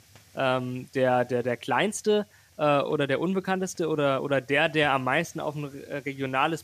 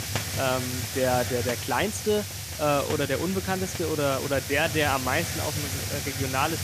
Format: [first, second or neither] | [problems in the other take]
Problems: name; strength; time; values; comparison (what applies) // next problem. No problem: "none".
first | hiss; loud; throughout; 3 dB below the speech; faint in the first